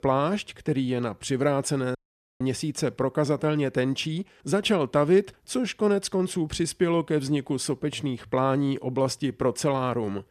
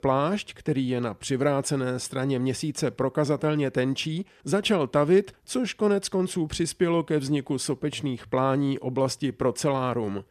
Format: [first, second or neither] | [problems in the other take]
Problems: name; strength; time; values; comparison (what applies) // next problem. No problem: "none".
second | audio cutting out; at 2 s